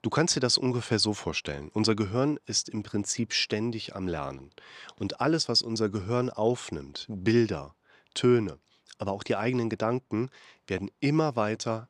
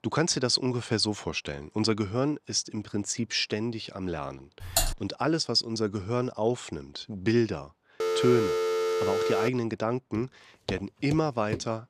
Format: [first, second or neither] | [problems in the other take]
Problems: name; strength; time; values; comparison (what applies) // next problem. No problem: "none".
first | keyboard typing; loud; at 4.5 s; peak 2 dB above the speech // phone ringing; loud; from 8 to 9.5 s; peak 2 dB above the speech // footsteps; noticeable; from 10 s on; peak 10 dB below the speech